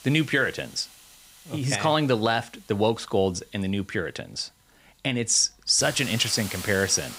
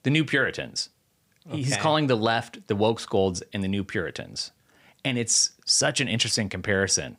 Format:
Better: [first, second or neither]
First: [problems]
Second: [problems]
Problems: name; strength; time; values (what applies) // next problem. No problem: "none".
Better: second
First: hiss; noticeable; throughout; 15 dB below the speech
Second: none